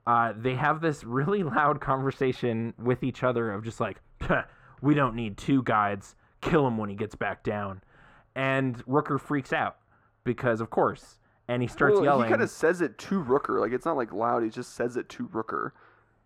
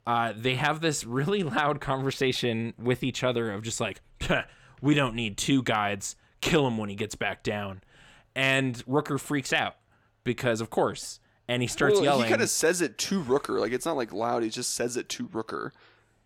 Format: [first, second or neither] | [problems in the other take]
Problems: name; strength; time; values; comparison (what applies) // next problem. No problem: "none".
second | muffled; very; fading above 2.5 kHz